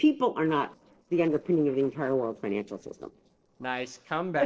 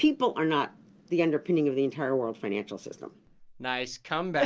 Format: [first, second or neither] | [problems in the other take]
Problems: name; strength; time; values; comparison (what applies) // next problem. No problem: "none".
second | noise reduction (neural separator model SepFormer DNS4)